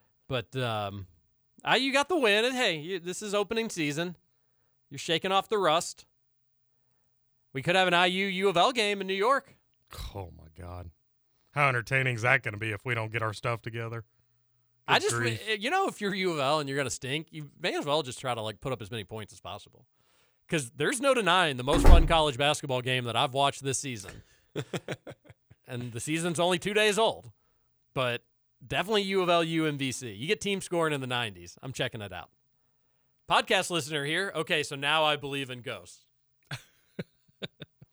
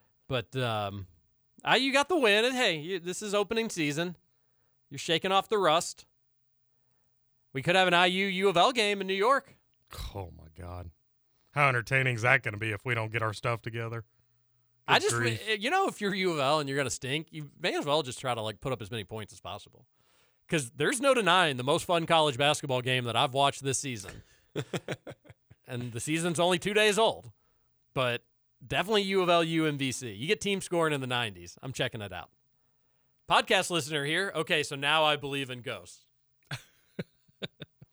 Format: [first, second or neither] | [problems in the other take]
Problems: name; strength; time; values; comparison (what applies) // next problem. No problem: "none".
second | door banging; loud; at 22 s; peak 6 dB above the speech